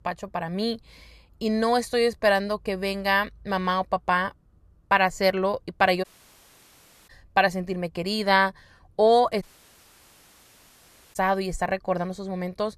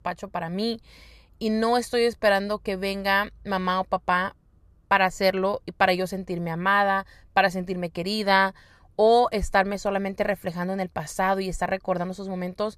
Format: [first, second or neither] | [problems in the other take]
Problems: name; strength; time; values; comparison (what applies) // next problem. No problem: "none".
second | audio cutting out; at 6 s for 1 s and at 9.5 s for 1.5 s